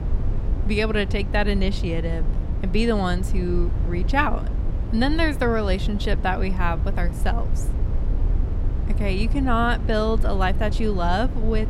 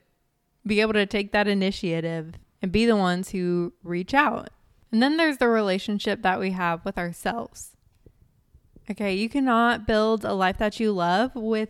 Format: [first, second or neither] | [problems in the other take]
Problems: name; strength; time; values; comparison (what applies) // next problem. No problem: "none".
second | low rumble; noticeable; throughout; 15 dB below the speech